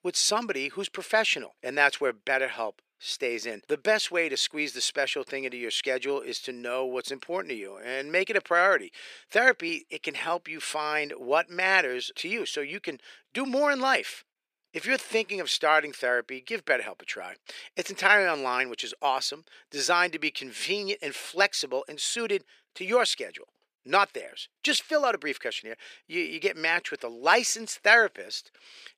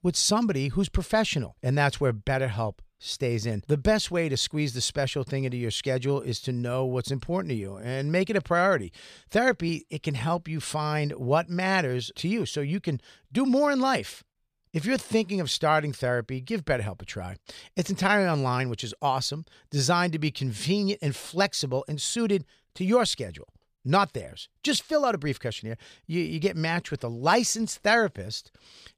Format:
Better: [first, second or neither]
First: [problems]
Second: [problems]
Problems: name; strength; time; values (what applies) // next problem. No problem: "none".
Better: second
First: thin; very; fading below 300 Hz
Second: none